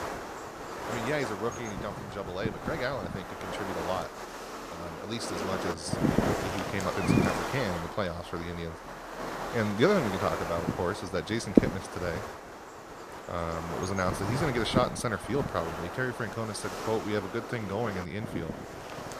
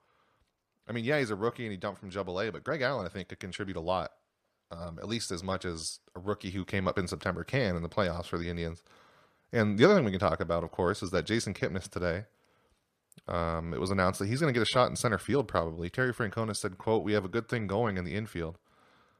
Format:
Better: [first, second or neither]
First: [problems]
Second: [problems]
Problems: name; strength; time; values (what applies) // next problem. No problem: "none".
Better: second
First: wind noise on the microphone; heavy; 2 dB below the speech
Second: none